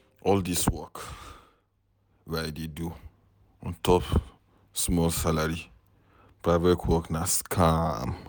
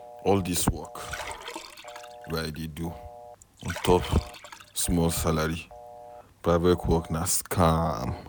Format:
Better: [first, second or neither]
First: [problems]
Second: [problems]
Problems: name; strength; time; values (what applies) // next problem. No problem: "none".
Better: first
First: none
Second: background sound (Telephone + Liquid); 16 dB below the speech